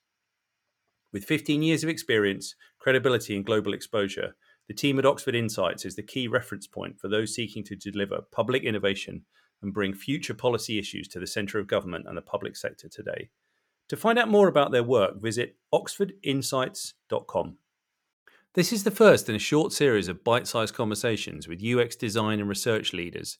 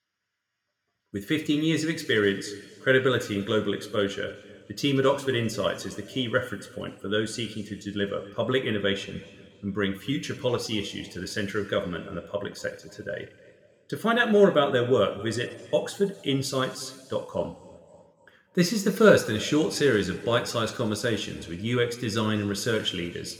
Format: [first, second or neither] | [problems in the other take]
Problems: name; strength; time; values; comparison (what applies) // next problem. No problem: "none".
first | room echo; slight; dies away in 1.7 s